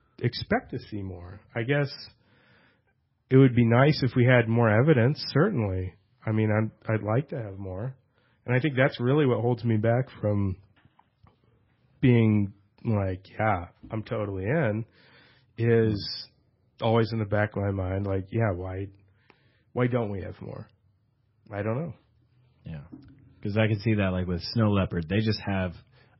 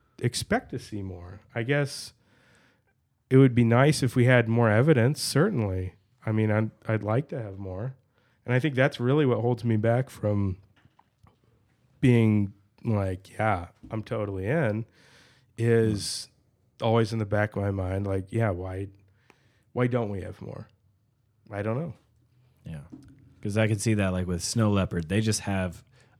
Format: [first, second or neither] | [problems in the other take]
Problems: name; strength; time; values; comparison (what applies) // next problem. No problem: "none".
second | garbled, watery; badly; nothing above 5.5 kHz